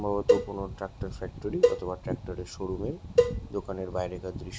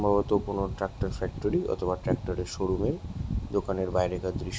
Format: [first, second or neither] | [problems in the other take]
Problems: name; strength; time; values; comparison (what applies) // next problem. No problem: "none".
second | background sound (Cowbell); 4 dB above the speech